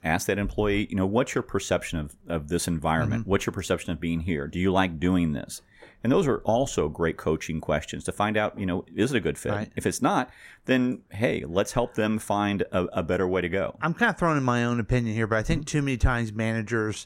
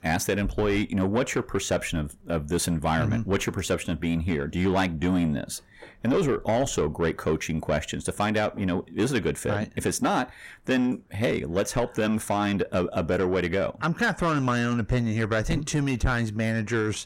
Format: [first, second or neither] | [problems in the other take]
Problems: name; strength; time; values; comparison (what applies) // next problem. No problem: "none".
first | distortion; slight; 10 dB below the speech